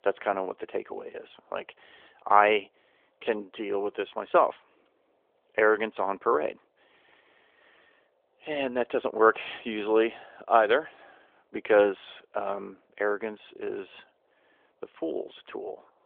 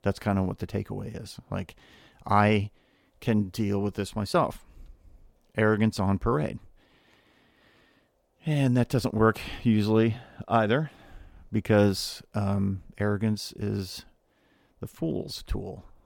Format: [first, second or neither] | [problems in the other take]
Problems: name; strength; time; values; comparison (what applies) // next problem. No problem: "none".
second | phone-call audio; nothing above 3.5 kHz